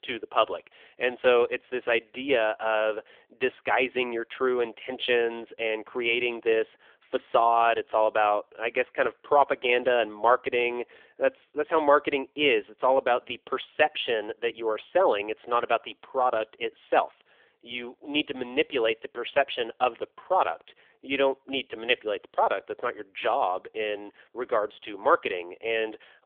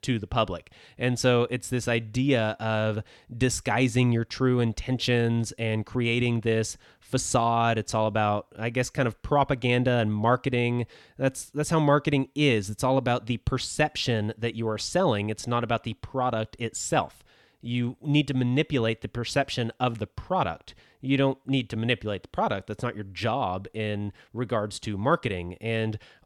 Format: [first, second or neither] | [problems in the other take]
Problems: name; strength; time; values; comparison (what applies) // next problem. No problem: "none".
second | phone-call audio; nothing above 3.5 kHz